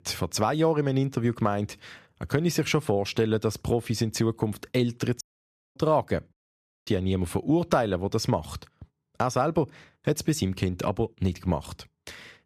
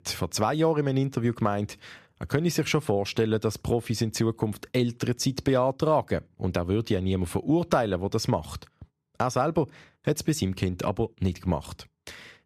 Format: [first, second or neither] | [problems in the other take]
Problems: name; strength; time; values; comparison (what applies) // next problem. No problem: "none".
second | audio cutting out; at 5 s for 0.5 s and at 6.5 s for 0.5 s